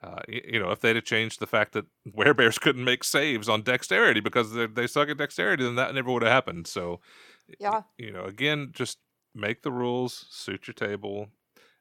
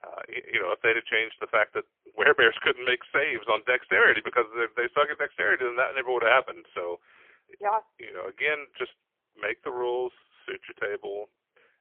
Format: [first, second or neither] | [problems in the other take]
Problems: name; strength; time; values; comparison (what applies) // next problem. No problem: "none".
first | phone-call audio; poor line; nothing above 3.5 kHz